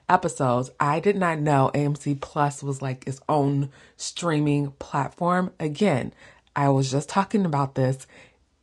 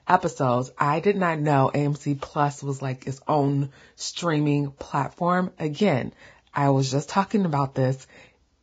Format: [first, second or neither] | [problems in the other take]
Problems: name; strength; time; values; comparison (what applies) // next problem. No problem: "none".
first | garbled, watery; badly; nothing above 7.5 kHz; slightly in the first